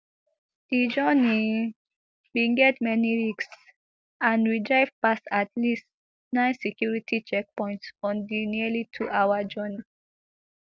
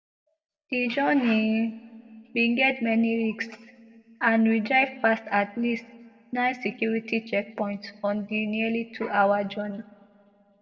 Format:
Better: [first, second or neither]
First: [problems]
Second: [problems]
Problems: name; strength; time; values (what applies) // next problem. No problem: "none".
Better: first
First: none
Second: room echo; dies away in 1.4 s